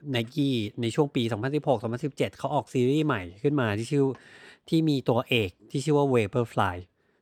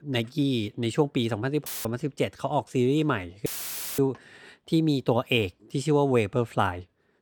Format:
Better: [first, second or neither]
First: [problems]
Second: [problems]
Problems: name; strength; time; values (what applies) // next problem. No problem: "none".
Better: first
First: none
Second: audio cutting out; filled with static; at 1.5 s and at 3.5 s for 0.5 s